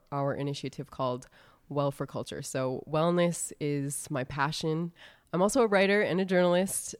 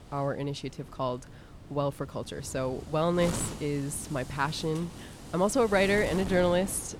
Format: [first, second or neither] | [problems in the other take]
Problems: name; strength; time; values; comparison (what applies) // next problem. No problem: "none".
first | wind noise on the microphone; occasional gusts; 15 dB below the speech